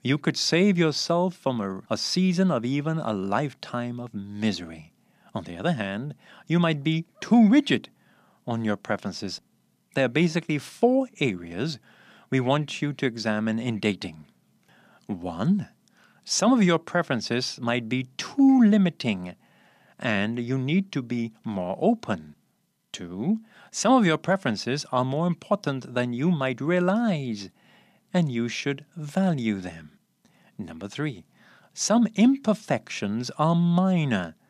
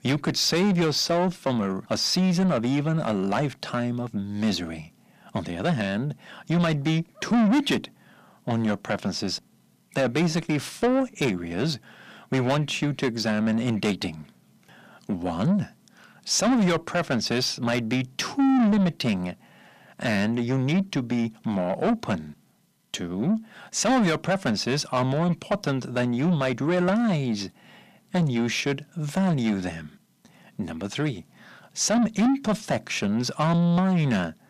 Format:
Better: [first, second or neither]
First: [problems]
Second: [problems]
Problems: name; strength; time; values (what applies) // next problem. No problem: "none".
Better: first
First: none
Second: distortion; heavy; 8 dB below the speech